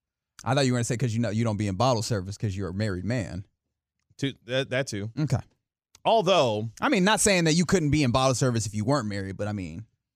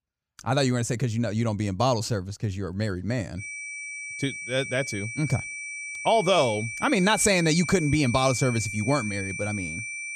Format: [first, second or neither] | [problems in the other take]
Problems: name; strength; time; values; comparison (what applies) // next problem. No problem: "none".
first | high-pitched whine; loud; from 3.5 s on; 2.5 kHz, 7 dB below the speech